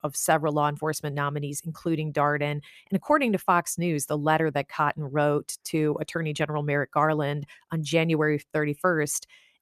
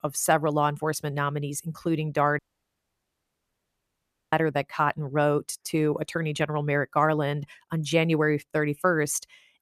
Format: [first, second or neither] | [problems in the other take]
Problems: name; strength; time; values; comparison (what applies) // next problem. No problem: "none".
first | audio cutting out; at 2.5 s for 2 s